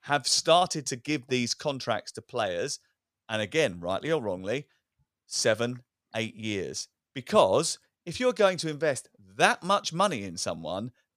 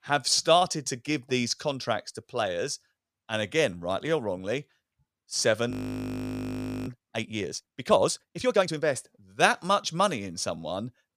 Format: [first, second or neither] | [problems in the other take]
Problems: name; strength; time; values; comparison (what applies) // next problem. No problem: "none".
first | audio freezing; at 5.5 s for 1 s